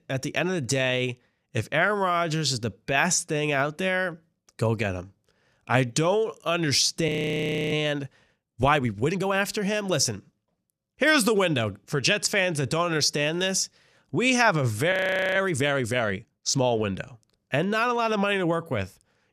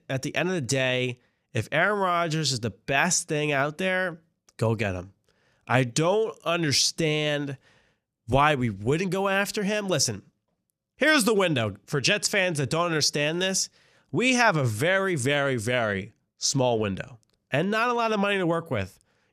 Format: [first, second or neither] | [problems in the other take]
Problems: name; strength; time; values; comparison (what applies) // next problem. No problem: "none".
second | audio freezing; at 7 s for 0.5 s and at 15 s